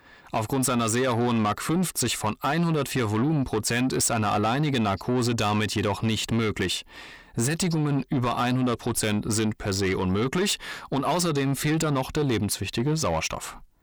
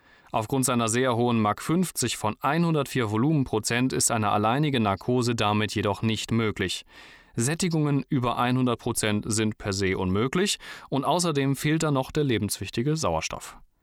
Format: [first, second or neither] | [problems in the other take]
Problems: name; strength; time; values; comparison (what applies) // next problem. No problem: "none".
second | distortion; slight; 10 dB below the speech